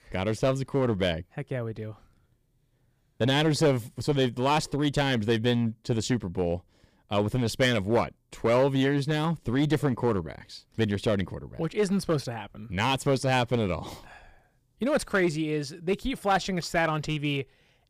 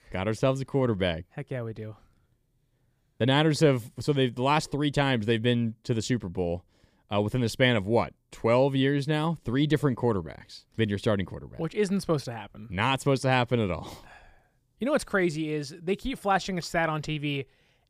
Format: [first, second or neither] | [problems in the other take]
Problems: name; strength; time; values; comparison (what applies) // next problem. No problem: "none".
second | distortion; slight; 4% of the sound clipped